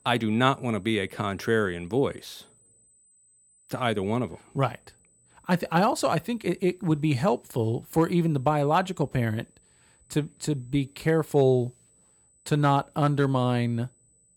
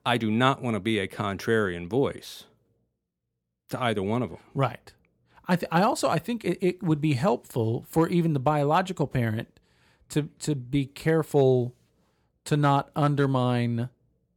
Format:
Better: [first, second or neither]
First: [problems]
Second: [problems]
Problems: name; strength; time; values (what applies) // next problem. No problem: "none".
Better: second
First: high-pitched whine; faint; throughout; 8 kHz, 35 dB below the speech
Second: none